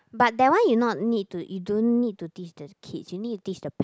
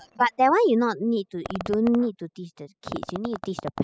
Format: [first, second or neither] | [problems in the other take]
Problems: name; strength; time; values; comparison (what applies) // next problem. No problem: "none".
first | noise reduction (classical method spectral subtraction)